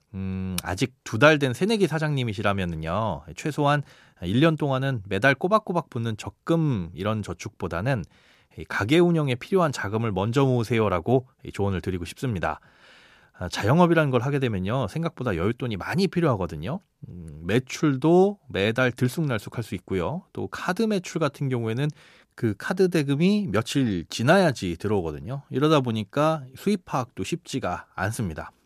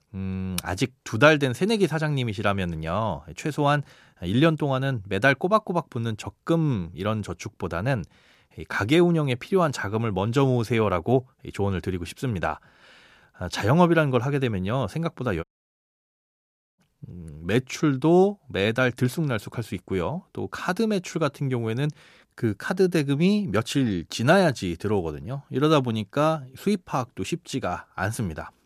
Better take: first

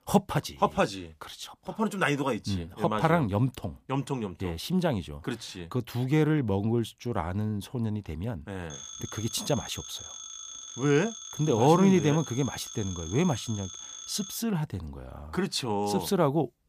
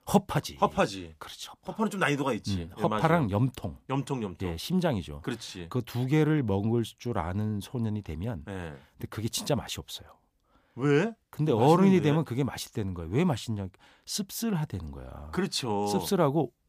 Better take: second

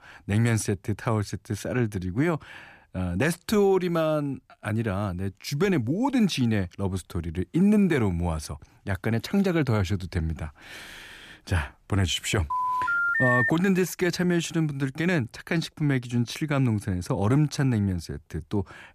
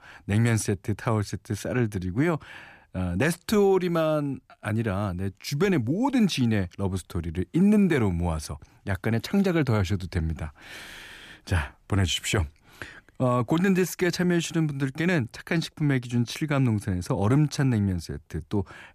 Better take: second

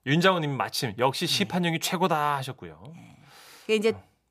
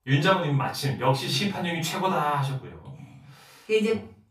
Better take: first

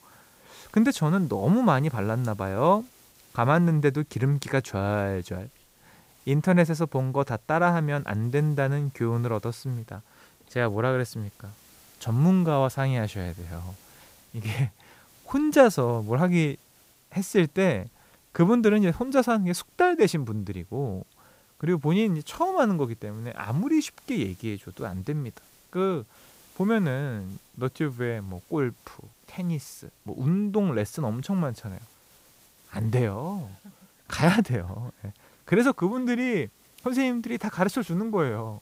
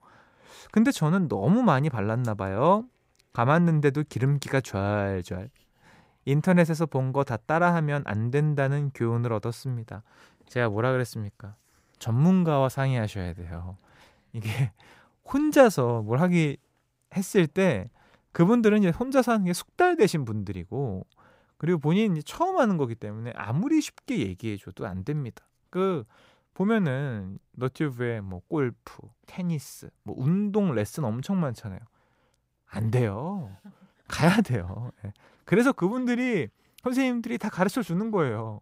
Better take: second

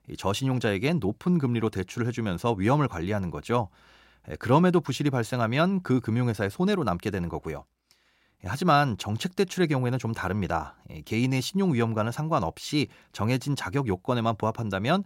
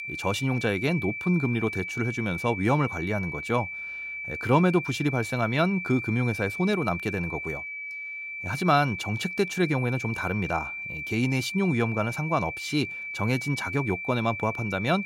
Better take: first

